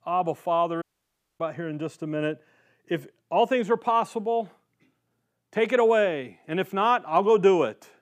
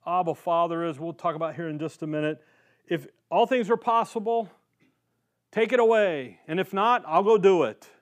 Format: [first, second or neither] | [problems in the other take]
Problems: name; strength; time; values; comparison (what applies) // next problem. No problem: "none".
second | audio cutting out; at 1 s for 0.5 s